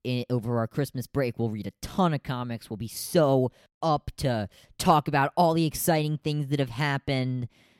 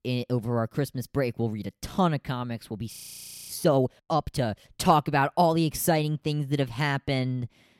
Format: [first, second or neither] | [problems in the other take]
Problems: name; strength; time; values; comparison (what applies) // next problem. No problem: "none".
first | audio freezing; at 3 s for 0.5 s